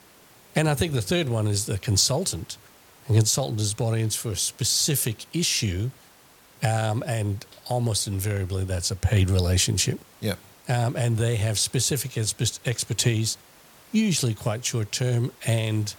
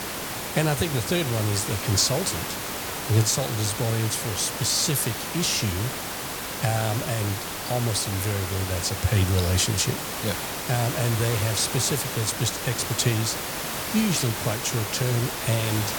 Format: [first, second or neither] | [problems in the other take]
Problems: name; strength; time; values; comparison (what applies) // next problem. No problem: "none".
first | hiss; loud; throughout; 4 dB below the speech; faint in the first